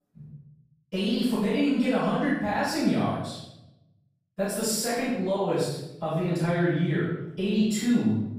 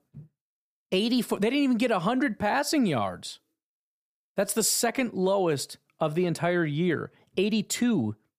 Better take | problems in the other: second | off-mic speech; far // room echo; strong; dies away in 0.8 s

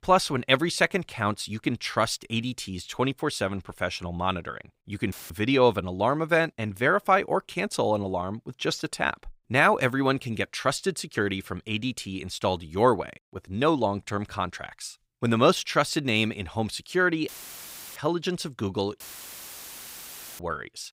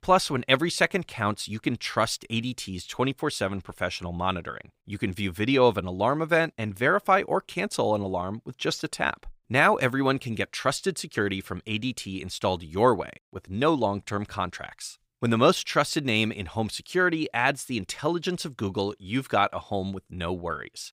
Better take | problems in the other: second | audio cutting out; filled with static; at 5 s, at 17 s for 0.5 s and at 19 s for 1.5 s

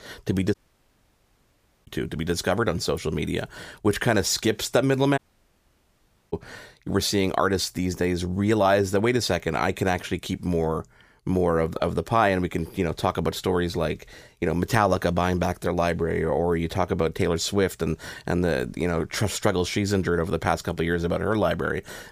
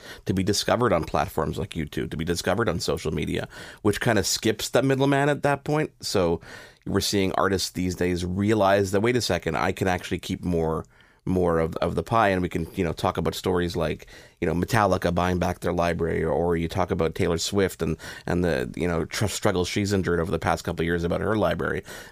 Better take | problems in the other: second | audio cutting out; at 0.5 s for 1.5 s and at 5 s for 1 s

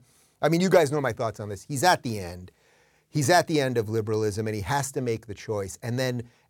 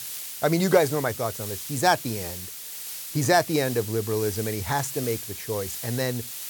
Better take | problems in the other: first | hiss; loud; throughout; 8 dB below the speech

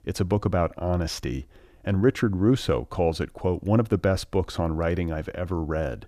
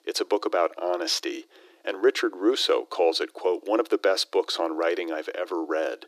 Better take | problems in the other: first | thin; very; fading below 300 Hz

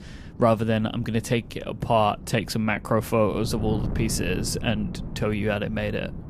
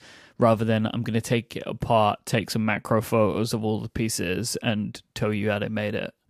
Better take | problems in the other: second | wind noise on the microphone; occasional gusts; 20 dB below the speech

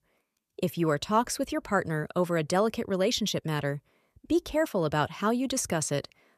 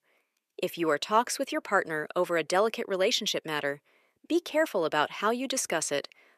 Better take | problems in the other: first | thin; somewhat; fading below 350 Hz

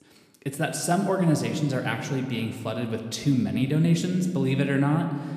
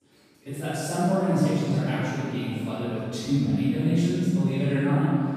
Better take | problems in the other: first | room echo; strong; dies away in 2.6 s; slight in the first // off-mic speech; far

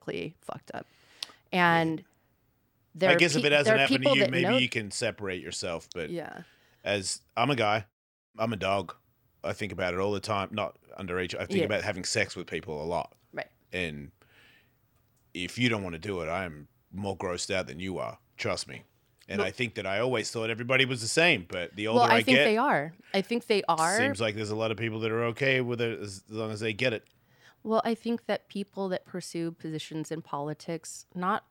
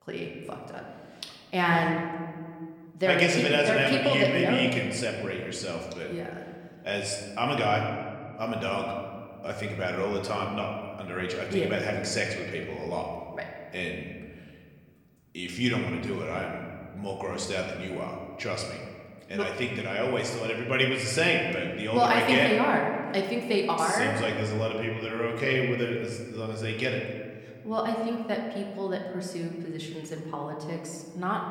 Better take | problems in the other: first | room echo; noticeable; dies away in 1.6 s // off-mic speech; somewhat distant

